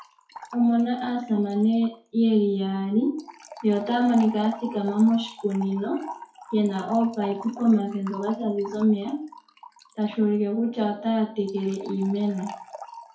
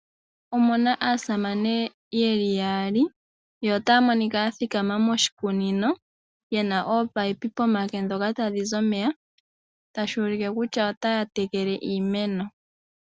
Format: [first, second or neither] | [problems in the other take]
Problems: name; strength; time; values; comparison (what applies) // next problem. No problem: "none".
second | noise reduction (classical method WPE with log-MMSE)